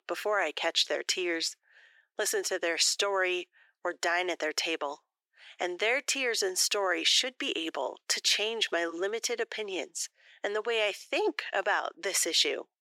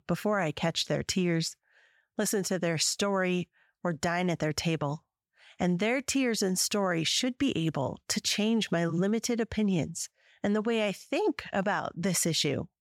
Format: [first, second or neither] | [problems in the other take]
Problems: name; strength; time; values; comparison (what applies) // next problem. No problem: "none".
second | thin; very; fading below 350 Hz